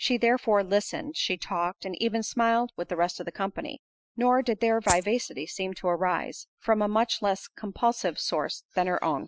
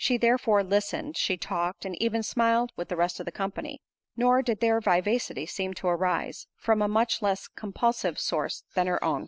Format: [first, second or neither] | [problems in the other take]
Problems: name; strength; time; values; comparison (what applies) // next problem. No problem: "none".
second | noise reduction (classical method Wiener filter)